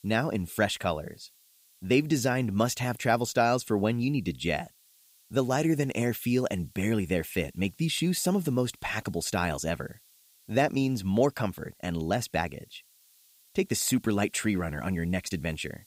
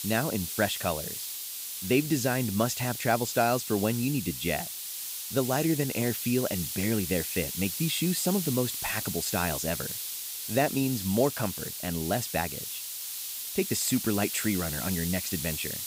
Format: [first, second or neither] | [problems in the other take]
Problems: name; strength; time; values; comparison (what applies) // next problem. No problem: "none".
first | hiss; loud; throughout; 4 dB below the speech; faint in the first